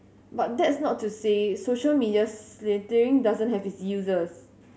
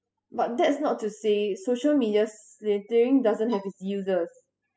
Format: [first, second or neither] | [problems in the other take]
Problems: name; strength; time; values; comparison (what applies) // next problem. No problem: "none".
first | noise reduction (classical method spectral subtraction)